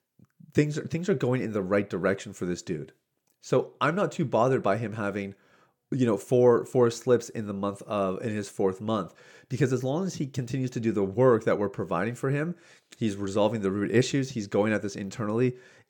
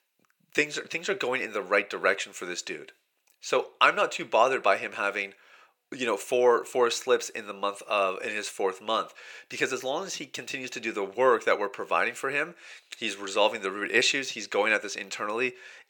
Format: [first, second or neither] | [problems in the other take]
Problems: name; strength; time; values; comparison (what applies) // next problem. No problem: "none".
first | thin; very; fading below 650 Hz